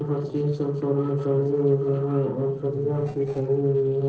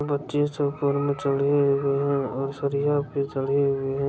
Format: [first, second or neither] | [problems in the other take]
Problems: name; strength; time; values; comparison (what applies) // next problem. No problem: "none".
second | noise reduction (neural separator model SepFormer DNS4)